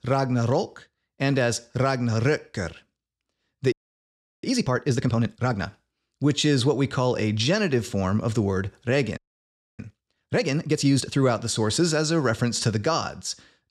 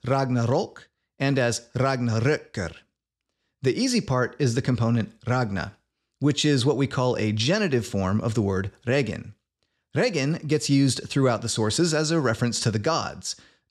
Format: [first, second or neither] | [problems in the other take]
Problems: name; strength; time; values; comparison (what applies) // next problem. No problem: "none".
second | audio freezing; at 3.5 s for 0.5 s and at 9 s for 0.5 s